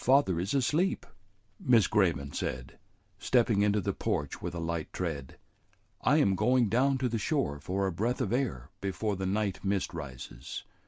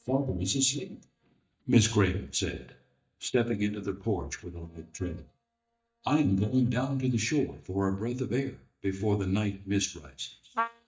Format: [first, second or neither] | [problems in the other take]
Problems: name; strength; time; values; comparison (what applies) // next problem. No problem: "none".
first | noise reduction (neural mask model DeepFilterNet 3)